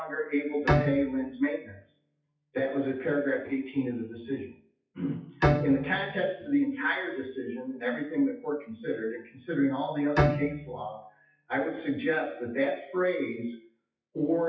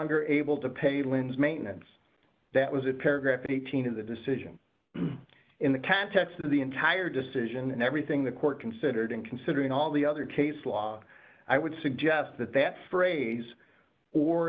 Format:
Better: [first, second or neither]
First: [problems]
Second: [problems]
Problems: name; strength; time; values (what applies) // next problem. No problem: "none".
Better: second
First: noise reduction (classical method WPE with log-MMSE)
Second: none